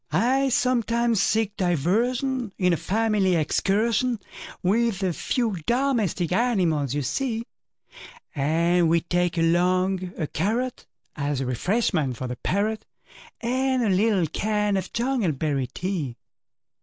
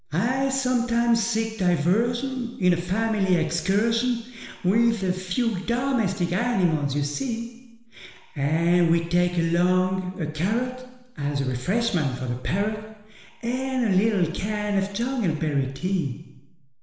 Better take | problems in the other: first | room echo; dies away in 1.1 s

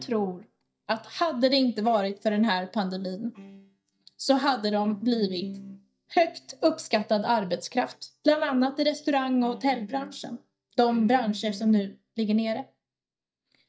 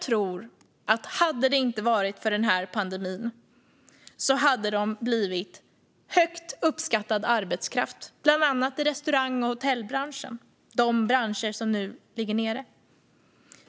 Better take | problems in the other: second | noise reduction (neural mask model DeepFilterNet 3)

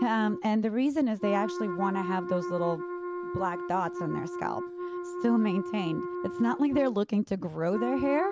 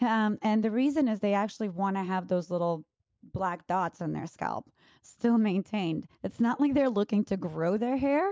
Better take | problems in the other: second | background sound (Wind instrument, woodwind instrument); 7 dB below the speech

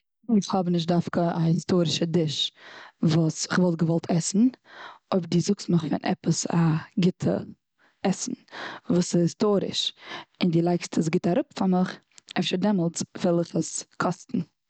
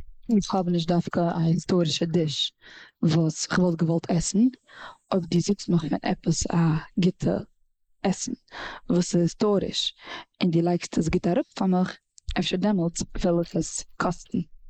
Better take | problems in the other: first | noise reduction (neural mask model Resemble Enhance denoiser)

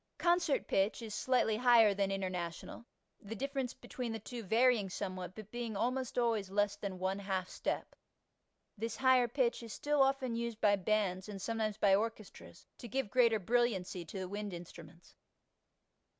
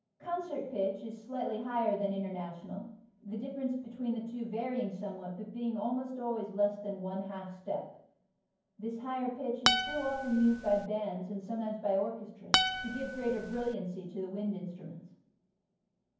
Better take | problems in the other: first | background sound (Acoustic guitar); 2 dB above the speech // room echo; dies away in 0.9 s

